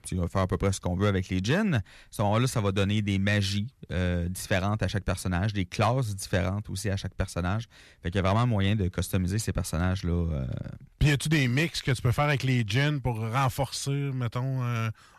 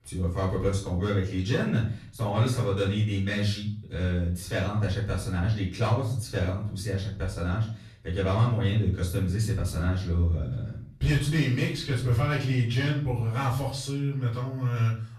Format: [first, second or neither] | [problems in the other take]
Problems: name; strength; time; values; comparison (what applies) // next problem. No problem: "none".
first | off-mic speech; far // room echo; noticeable; dies away in 0.4 s